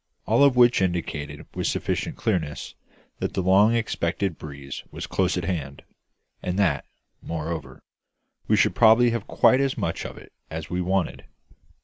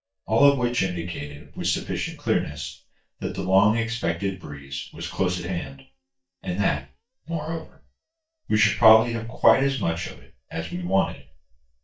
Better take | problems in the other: first | noise reduction (neural mask model DeepFilterNet 3)

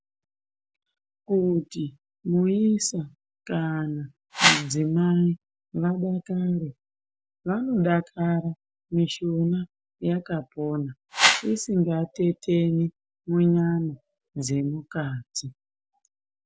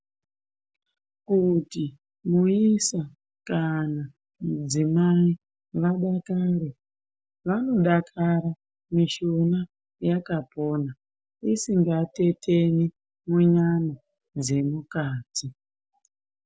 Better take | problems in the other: second | background sound (Whoosh, swoosh, swish); 3 dB above the speech

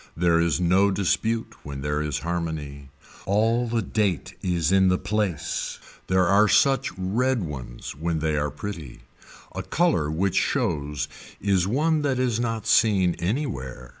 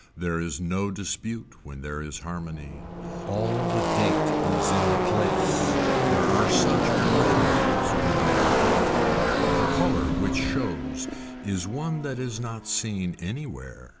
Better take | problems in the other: first | background sound (Car passing by / Race car, auto racing); 5 dB above the speech

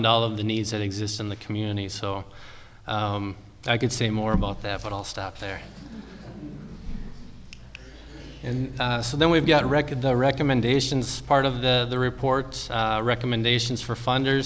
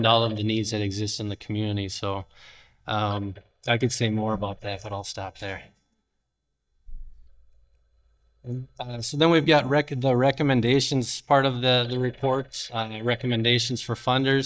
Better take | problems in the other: first | noise reduction (neural mask model DeepFilterNet 3)

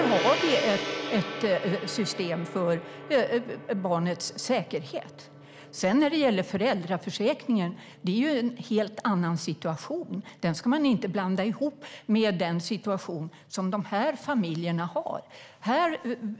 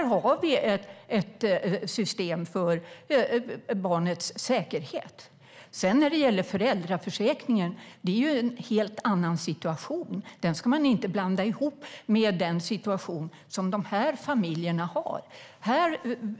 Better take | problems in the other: second | background sound (Gong); 12 dB below the speech

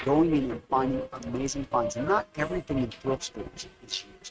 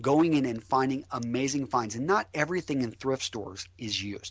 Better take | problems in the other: second | noise reduction (neural mask model RNNoise)

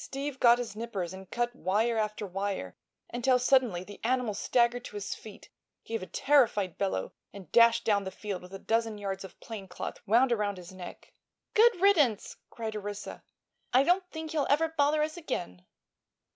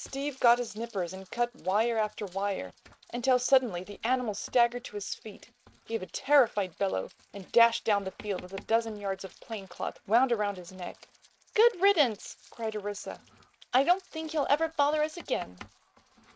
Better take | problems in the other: first | noise reduction (neural mask model RNNoise)

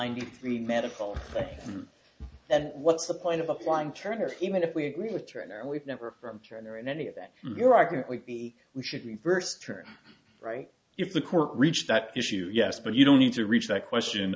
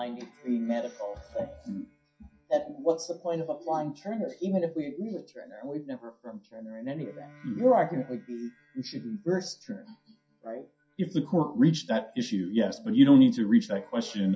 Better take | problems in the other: first | noise reduction (classical method WPE with log-MMSE)

